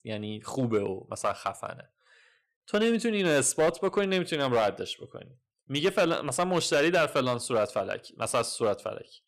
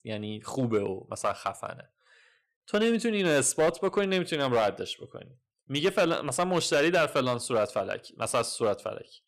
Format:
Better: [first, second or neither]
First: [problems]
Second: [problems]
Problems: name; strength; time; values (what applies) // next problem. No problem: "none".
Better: neither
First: distortion; slight; 4% of the sound clipped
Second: distortion; slight; 4% of the sound clipped